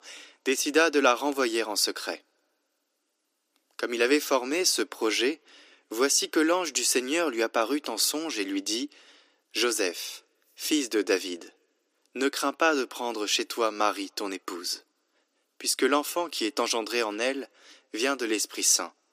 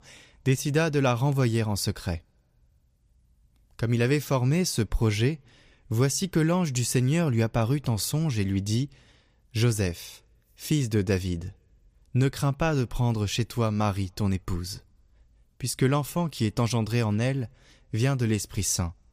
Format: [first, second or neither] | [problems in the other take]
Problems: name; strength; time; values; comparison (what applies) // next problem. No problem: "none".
second | thin; somewhat; fading below 300 Hz